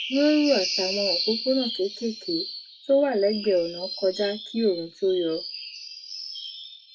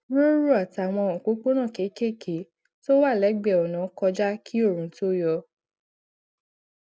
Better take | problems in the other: second | noise reduction (classical method WPE with log-MMSE)

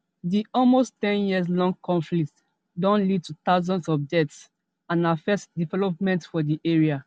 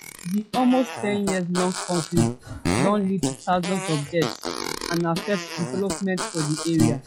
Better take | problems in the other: first | noise reduction (classical method log-MMSE)

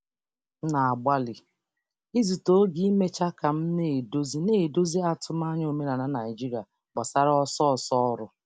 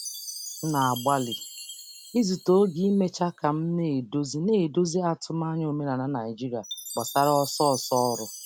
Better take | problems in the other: first | background sound (Chime); 15 dB below the speech

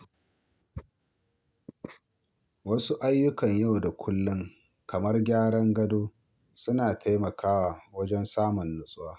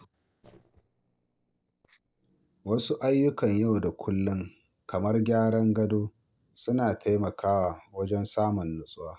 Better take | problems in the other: first | noise reduction (neural separator model SepFormer DNS4)

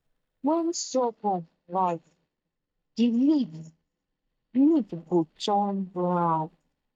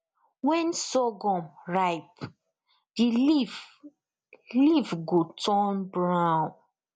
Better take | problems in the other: second | noise reduction (neural mask model DeepFilterNet 3)

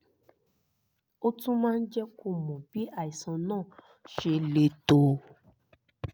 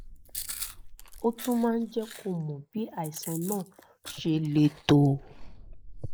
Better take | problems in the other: first | noise reduction (neural mask model Resemble Enhance denoiser)

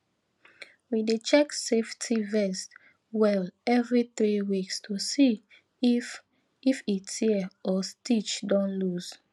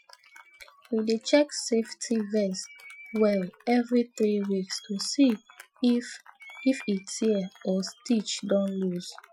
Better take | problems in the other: first | noise reduction (classical method Wiener filter)

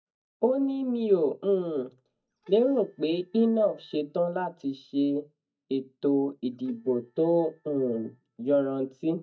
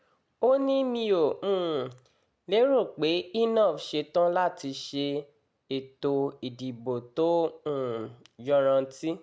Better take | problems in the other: second | noise reduction (neural mask model DeepFilterNet 3)

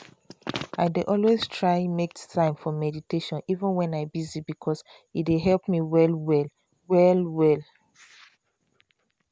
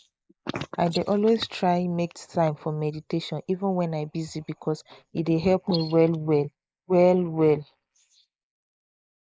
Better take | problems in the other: first | noise reduction (neural mask model Resemble Enhance denoiser)

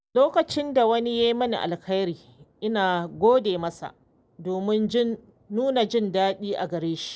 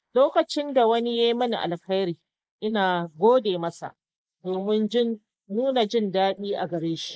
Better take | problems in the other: first | noise reduction (neural mask model Resemble Enhance denoiser)

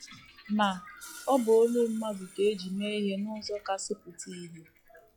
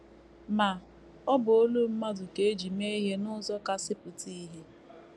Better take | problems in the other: second | noise reduction (classical method log-MMSE)

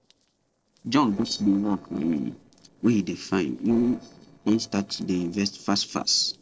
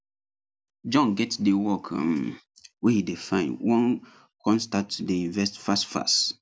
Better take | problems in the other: second | noise reduction (neural separator model SepFormer DNS4)

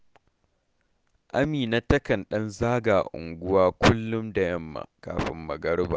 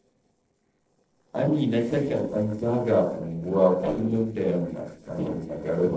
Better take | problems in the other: first | noise reduction (neural separator model SepFormer DNS4)

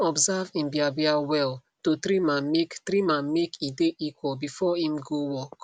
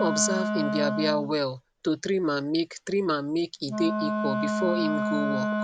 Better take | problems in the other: first | background sound (Wind instrument, woodwind instrument); 2 dB below the speech

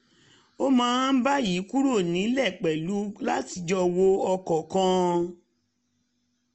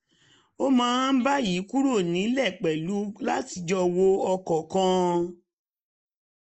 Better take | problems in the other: first | noise reduction (neural mask model Resemble Enhance denoiser)

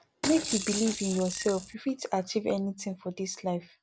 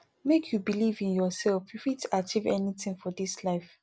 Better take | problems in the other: second | background sound (Rattle / Rattle (instrument)); 4 dB below the speech

